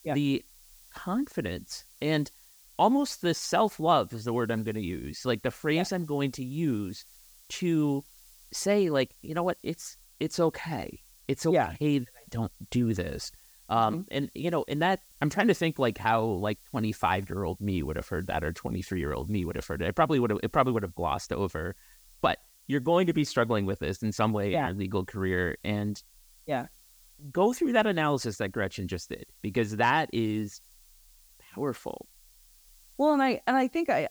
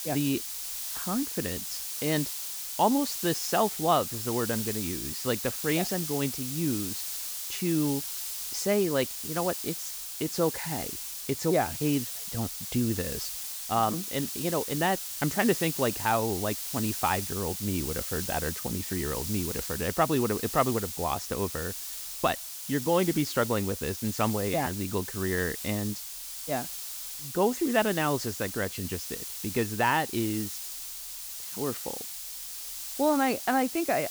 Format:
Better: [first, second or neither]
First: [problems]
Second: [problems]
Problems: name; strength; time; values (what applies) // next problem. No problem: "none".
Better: first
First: hiss; faint; throughout; 25 dB below the speech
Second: hiss; loud; throughout; 4 dB below the speech